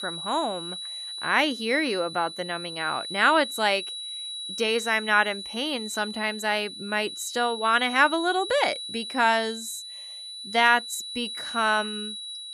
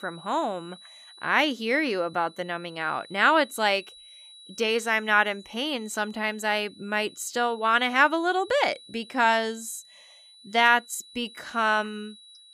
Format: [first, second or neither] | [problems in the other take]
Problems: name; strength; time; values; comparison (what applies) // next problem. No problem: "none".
second | high-pitched whine; loud; throughout; 4 kHz, 9 dB below the speech; faint in the second